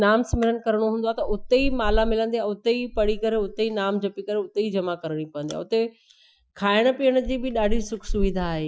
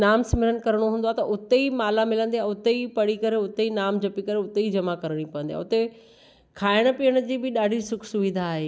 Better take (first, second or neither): second